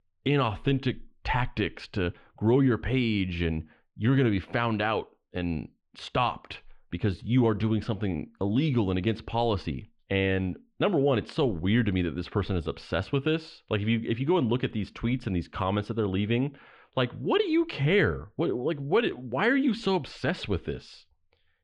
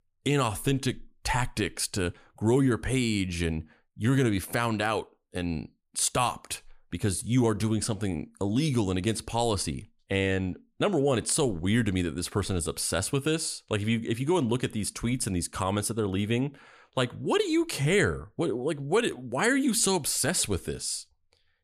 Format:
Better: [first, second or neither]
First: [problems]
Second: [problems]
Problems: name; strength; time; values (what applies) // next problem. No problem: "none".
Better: second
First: muffled; slightly; fading above 3 kHz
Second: none